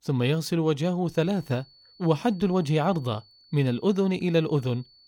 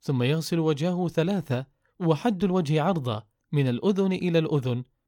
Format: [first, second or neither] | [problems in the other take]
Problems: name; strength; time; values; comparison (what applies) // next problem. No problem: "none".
second | high-pitched whine; faint; from 1 s on; 4.5 kHz, 30 dB below the speech